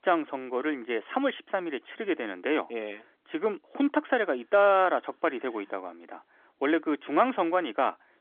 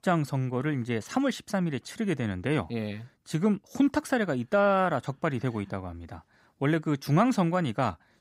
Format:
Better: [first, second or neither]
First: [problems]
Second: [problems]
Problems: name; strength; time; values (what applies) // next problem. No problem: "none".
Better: second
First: phone-call audio; nothing above 3.5 kHz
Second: none